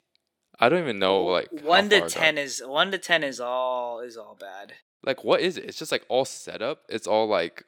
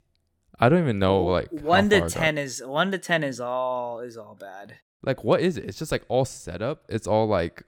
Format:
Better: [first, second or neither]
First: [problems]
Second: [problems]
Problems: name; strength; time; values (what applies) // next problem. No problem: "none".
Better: second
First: thin; somewhat; fading below 300 Hz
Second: none